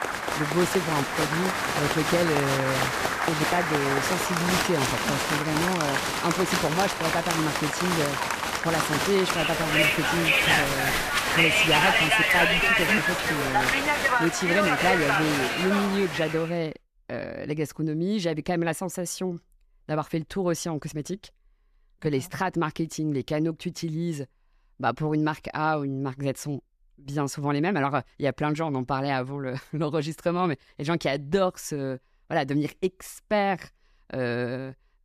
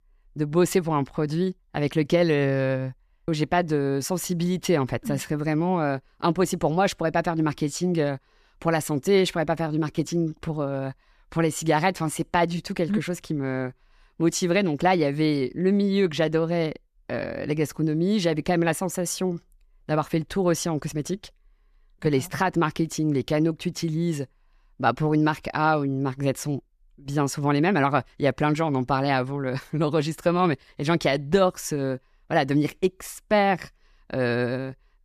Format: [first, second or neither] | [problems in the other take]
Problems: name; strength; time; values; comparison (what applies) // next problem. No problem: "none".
second | crowd noise; very loud; until 16 s; 4 dB above the speech